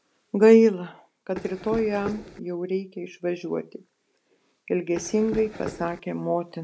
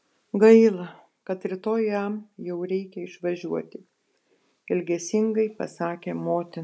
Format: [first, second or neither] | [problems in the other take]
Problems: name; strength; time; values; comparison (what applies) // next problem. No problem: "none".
second | background sound (Run); 12 dB below the speech